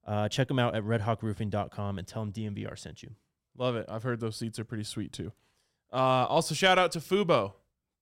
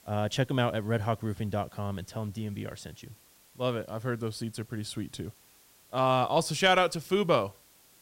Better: first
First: none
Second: hiss; faint; throughout; 25 dB below the speech

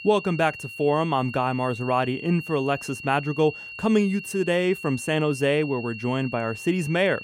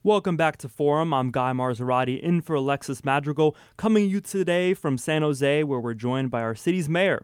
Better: second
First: high-pitched whine; noticeable; throughout; 3 kHz, 10 dB below the speech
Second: none

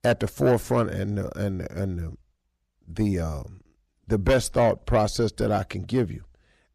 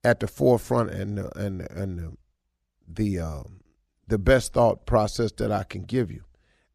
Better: second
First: distortion; slight; 10 dB below the speech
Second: none

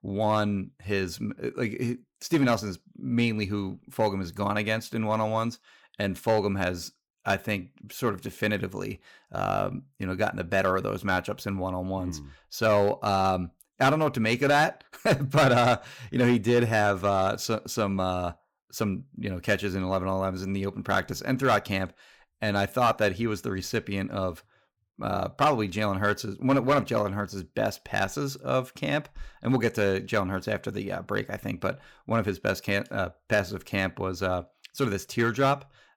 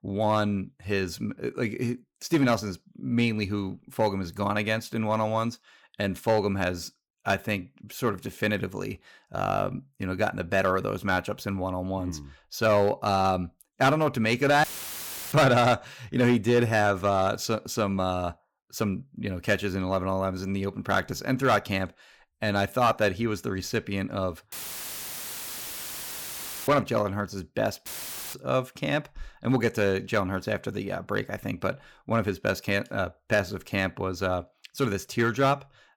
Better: first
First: none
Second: audio cutting out; filled with static; at 15 s for 0.5 s, at 25 s for 2 s and at 28 s

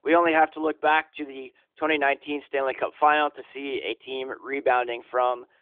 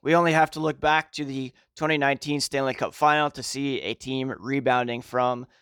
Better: second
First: phone-call audio; nothing above 3.5 kHz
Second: none

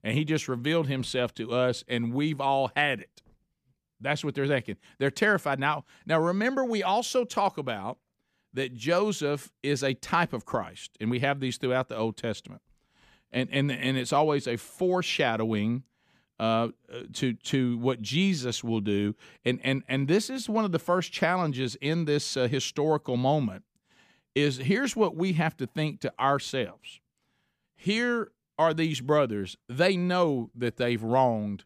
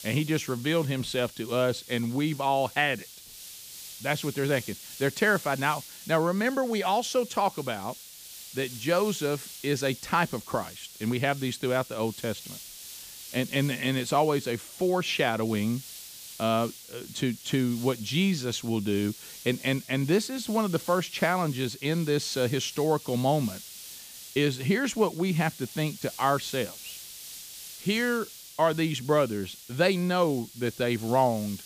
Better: first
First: none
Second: hiss; noticeable; throughout; 15 dB below the speech

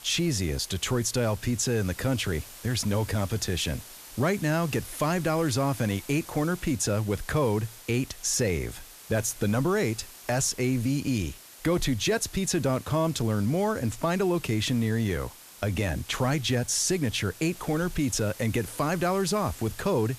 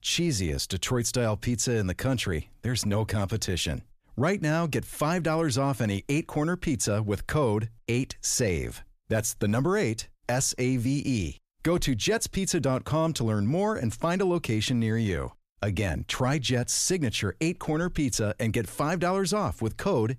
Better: second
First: hiss; noticeable; throughout; 15 dB below the speech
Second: none

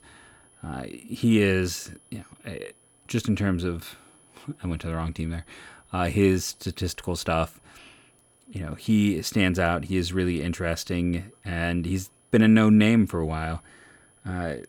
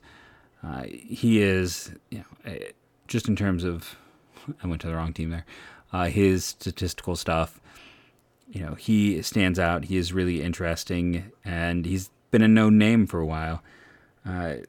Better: second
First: high-pitched whine; faint; throughout; 10.5 kHz, 35 dB below the speech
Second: none

